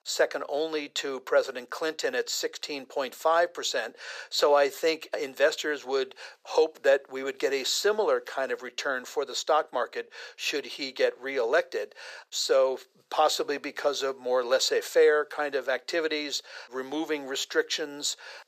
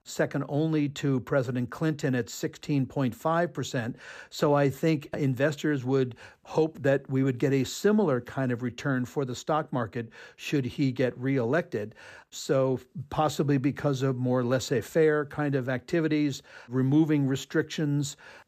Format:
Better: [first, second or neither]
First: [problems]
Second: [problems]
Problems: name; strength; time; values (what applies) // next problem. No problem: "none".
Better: second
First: thin; very; fading below 500 Hz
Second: none